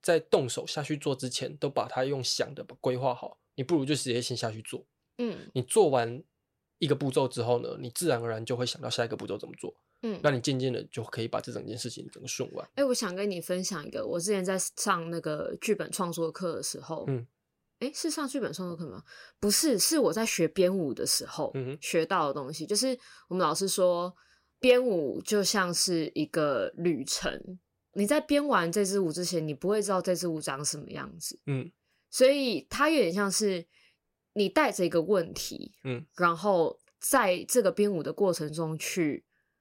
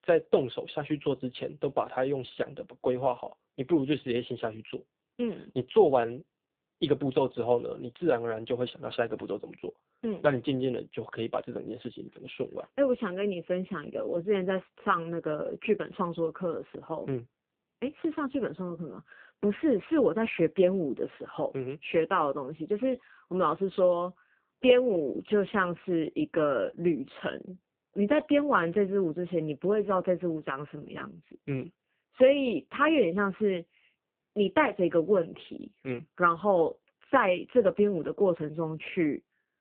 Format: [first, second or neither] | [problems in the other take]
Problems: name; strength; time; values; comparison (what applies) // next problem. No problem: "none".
first | phone-call audio; poor line